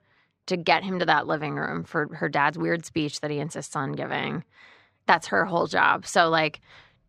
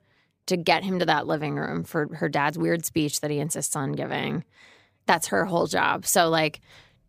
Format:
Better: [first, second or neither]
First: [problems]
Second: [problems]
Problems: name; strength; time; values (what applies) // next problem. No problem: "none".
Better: second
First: muffled; very slightly; fading above 4.5 kHz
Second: none